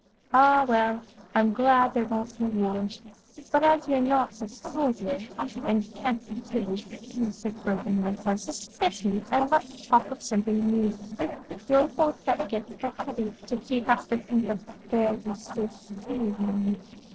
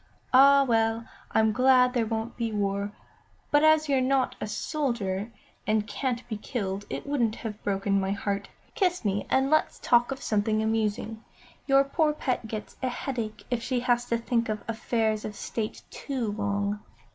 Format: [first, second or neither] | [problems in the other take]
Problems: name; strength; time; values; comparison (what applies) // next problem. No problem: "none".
second | noise reduction (neural separator model SepFormer DNS4)